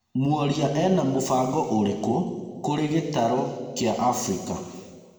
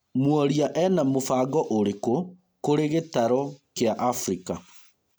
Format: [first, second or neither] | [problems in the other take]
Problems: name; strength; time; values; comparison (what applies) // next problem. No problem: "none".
second | room echo; dies away in 1.5 s